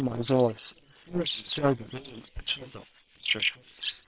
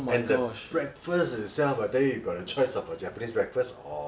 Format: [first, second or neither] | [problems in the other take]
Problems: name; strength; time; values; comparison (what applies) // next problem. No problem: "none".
second | noise reduction (neural separator model SepFormer WHAM!)